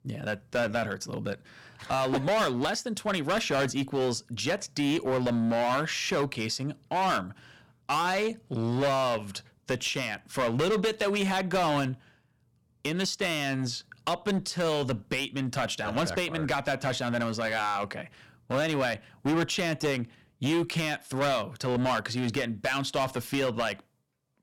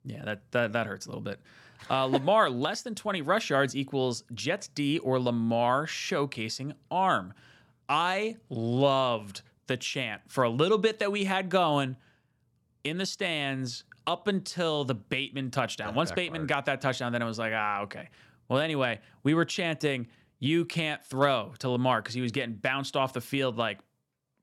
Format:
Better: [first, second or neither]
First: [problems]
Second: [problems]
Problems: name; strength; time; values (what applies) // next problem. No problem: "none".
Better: second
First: distortion; heavy; 12% of the sound clipped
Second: none